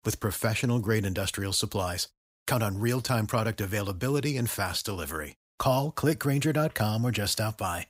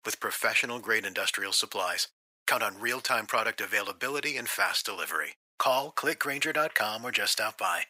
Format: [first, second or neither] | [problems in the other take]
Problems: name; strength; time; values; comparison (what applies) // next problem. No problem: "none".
first | thin; very; fading below 500 Hz